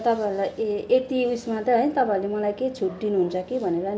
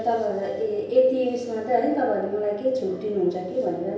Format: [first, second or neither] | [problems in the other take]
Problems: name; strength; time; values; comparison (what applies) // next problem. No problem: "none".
first | room echo; dies away in 0.9 s